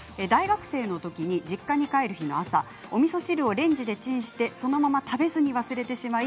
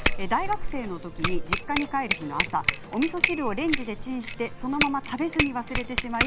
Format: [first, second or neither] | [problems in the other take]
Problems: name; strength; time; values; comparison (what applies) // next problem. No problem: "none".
first | background sound (Bicycle bell); 1 dB above the speech